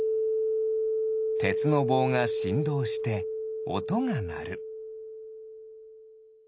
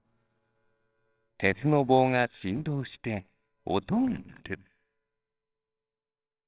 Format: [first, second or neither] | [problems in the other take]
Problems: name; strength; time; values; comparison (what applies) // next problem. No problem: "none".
first | noise reduction (neural separator model SepFormer WHAMR!)